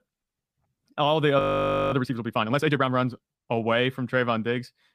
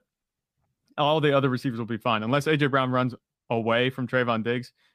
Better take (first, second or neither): second